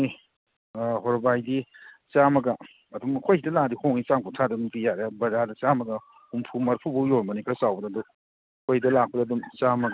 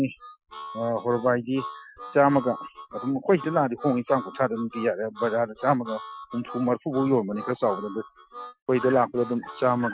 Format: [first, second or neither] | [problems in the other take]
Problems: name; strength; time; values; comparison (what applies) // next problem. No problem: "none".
first | noise reduction (classical method Wiener filter)